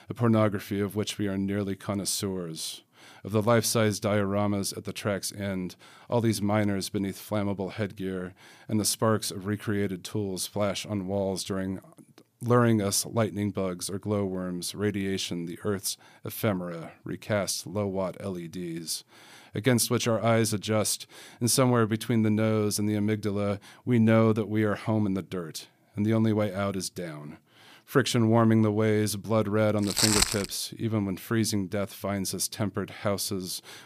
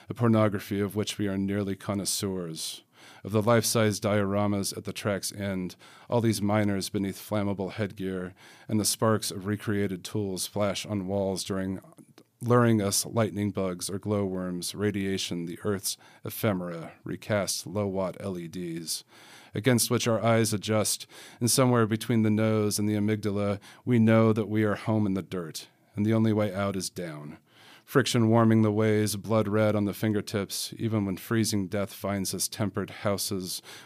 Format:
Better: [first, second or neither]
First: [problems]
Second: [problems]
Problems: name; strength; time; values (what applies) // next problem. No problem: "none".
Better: second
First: footsteps; loud; at 30 s; peak 6 dB above the speech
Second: none